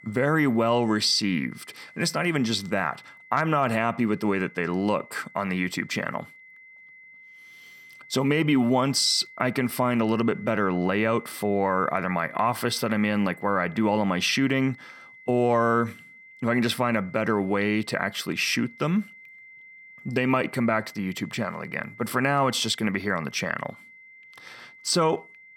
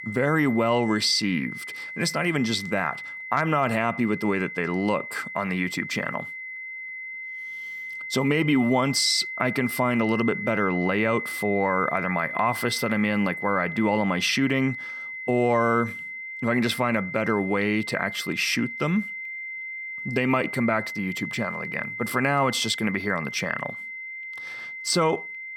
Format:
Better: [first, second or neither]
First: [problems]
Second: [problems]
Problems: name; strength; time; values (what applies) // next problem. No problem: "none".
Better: first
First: high-pitched whine; faint; throughout; 2 kHz, 20 dB below the speech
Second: high-pitched whine; loud; throughout; 2 kHz, 8 dB below the speech